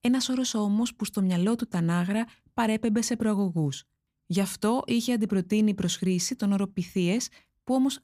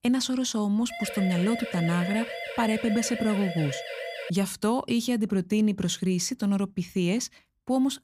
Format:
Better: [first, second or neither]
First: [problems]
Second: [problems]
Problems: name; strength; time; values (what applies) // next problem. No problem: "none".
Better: first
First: none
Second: siren; noticeable; from 1 to 4.5 s; peak 7 dB below the speech